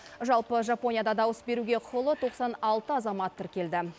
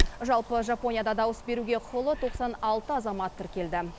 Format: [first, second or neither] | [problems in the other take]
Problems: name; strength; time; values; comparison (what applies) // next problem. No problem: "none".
first | background sound (Wind); 6 dB below the speech